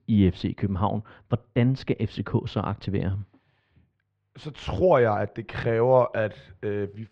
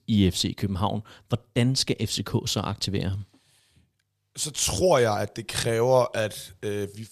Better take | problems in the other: second | muffled; very; fading above 2 kHz

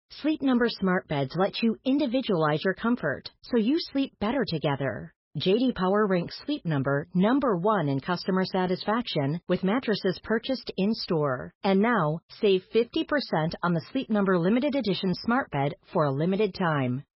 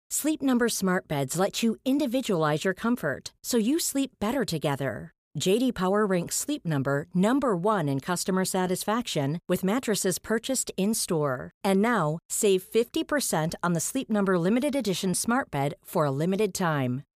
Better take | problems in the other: second | garbled, watery; badly; nothing above 5.5 kHz

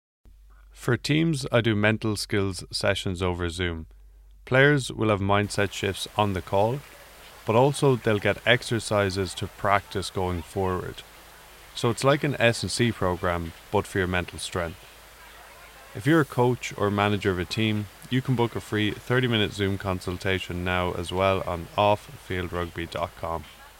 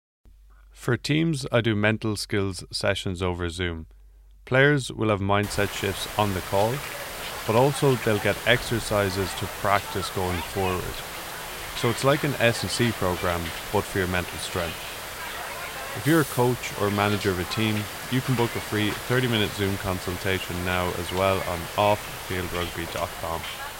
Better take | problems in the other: first | hiss; loud; from 5.5 s on; 7 dB below the speech; faint in the first

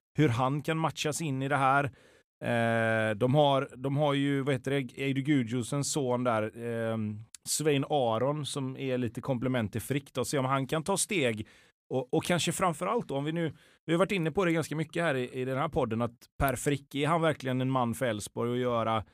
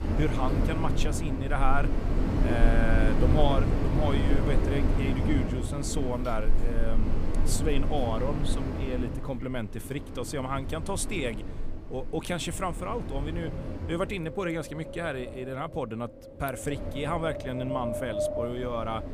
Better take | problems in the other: first | wind in the background; very loud; throughout; 2 dB above the speech

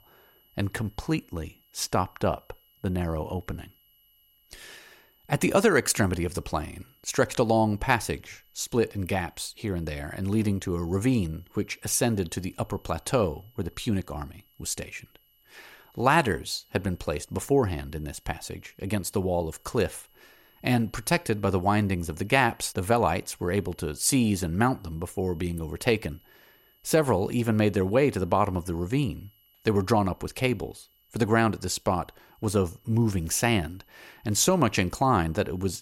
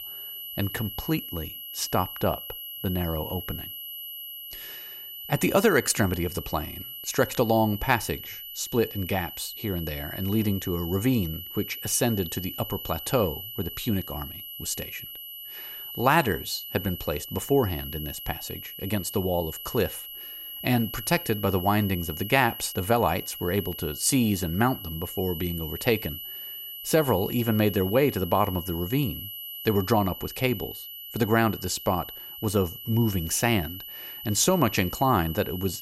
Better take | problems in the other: first | high-pitched whine; loud; throughout; 3 kHz, 9 dB below the speech; faint in the first

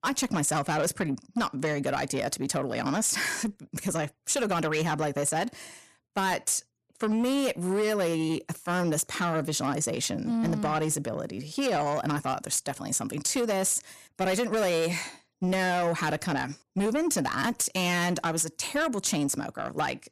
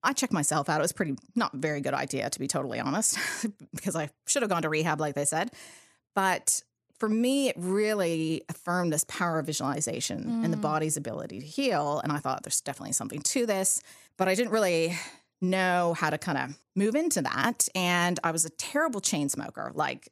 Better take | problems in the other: second | distortion; slight; 10 dB below the speech

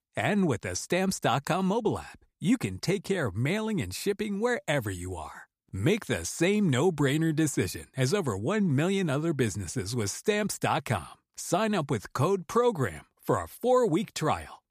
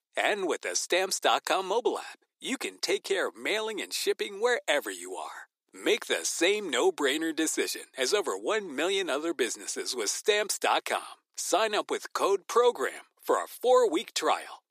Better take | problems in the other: first | thin; very; fading below 350 Hz

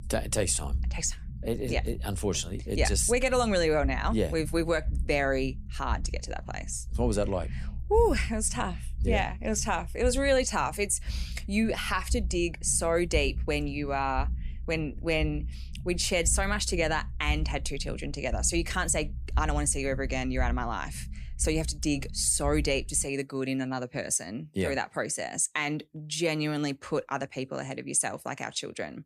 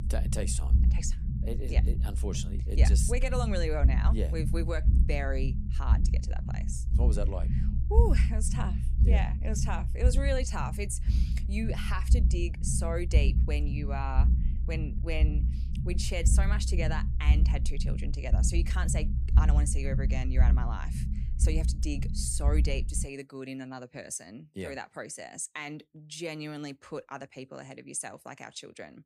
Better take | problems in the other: first | low rumble; loud; until 23 s; 8 dB below the speech; faint in the first

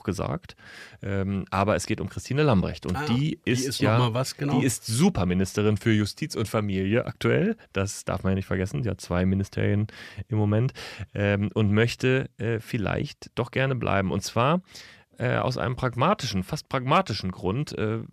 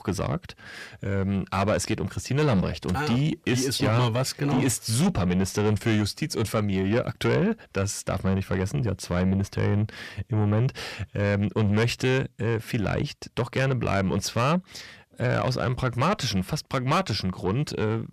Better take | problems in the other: first | distortion; slight; 10 dB below the speech

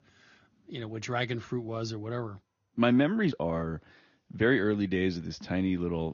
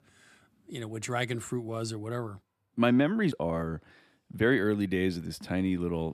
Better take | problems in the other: second | garbled, watery; slightly; nothing above 6.5 kHz

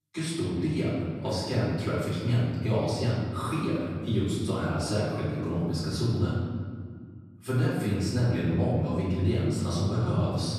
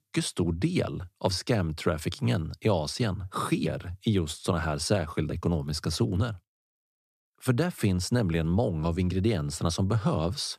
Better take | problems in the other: second | room echo; strong; dies away in 1.8 s // off-mic speech; far

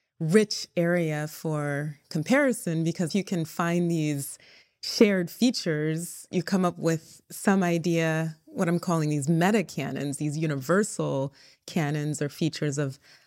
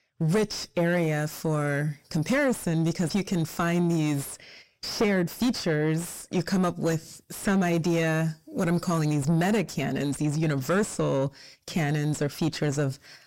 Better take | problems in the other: first | distortion; heavy; 7 dB below the speech

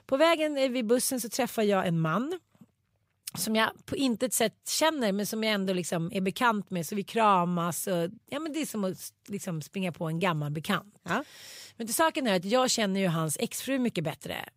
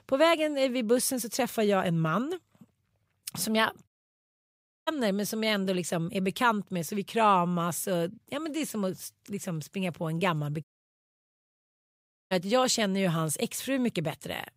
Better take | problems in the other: first | audio cutting out; at 4 s for 1 s and at 11 s for 1.5 s

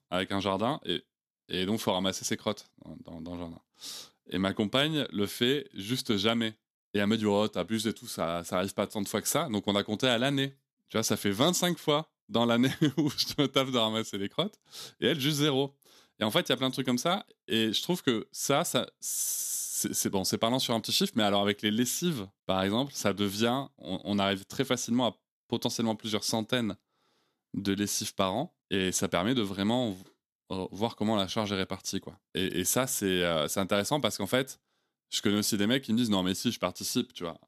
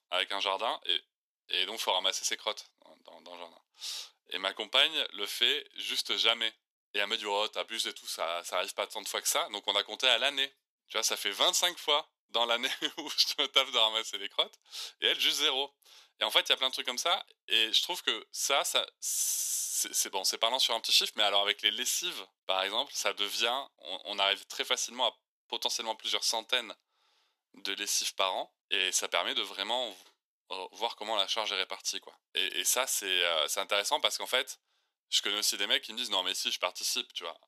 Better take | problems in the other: first | thin; very; fading below 550 Hz

